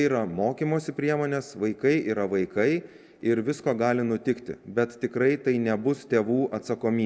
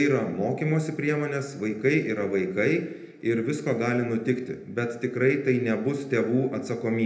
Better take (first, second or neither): first